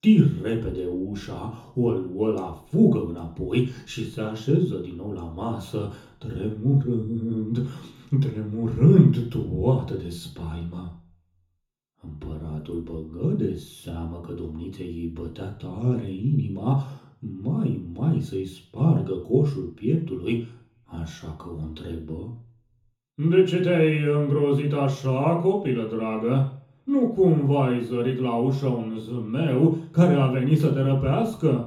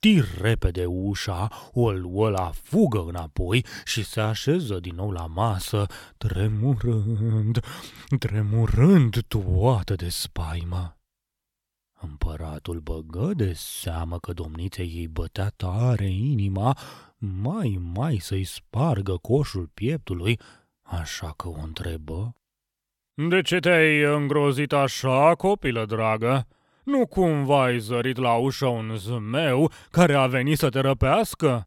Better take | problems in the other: second | room echo; slight; dies away in 0.5 s // off-mic speech; far

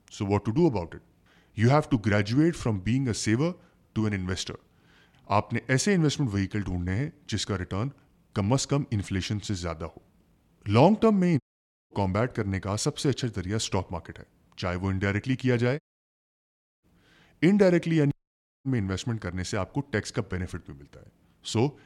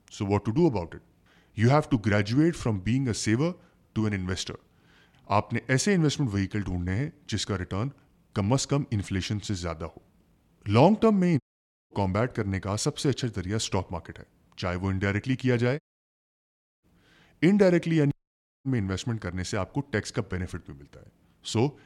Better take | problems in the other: neither | audio cutting out; at 11 s for 0.5 s, at 16 s for 1 s and at 18 s for 0.5 s; the same in both

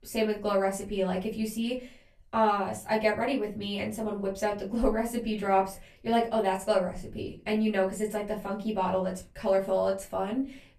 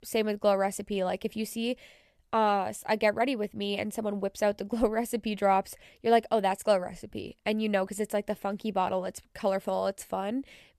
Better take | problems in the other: second | off-mic speech; far // room echo; very slight; dies away in 0.3 s

